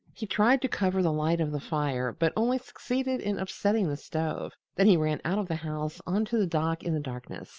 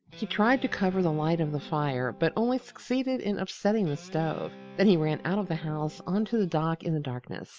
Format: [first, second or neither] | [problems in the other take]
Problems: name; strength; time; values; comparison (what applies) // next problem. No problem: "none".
first | background sound (Guitar); 19 dB below the speech